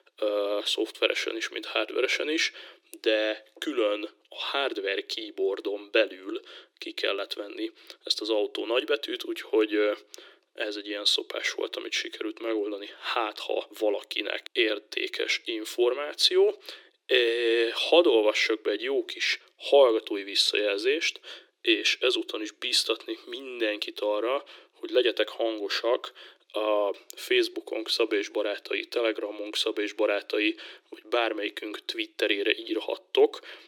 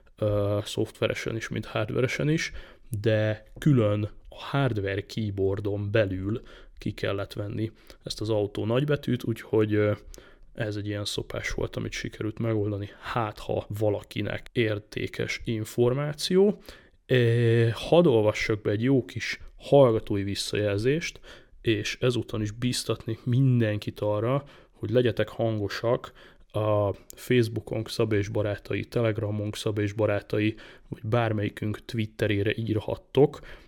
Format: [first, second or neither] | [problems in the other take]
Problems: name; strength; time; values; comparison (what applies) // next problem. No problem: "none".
second | thin; very; fading below 300 Hz